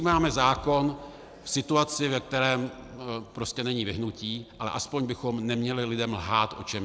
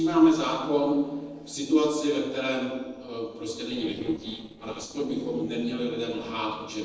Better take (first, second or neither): first